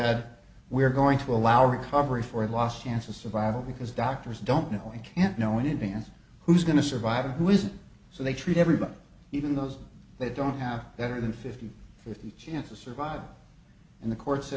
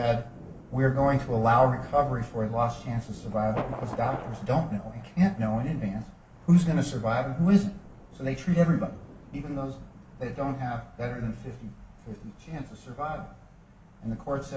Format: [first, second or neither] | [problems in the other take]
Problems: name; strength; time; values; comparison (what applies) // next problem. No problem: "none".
first | background sound (Thunder); 17 dB below the speech // room echo; dies away in 0.2 s